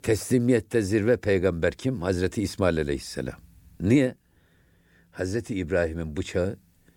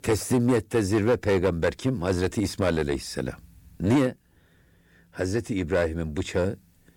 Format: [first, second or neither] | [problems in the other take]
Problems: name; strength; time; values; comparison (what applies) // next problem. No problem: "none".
first | distortion; slight; 5% of the sound clipped